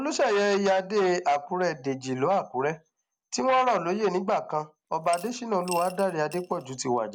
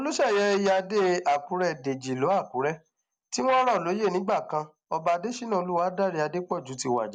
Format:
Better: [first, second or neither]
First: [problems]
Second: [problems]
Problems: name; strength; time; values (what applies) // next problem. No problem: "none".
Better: second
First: background sound (Coin (dropping) / Glass); 19 dB below the speech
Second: none